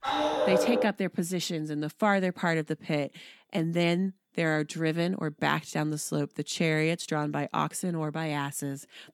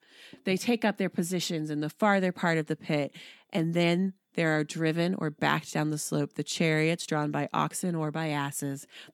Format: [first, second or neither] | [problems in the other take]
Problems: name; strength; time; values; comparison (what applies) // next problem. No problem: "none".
second | dog barking; loud; at the start; peak 4 dB above the speech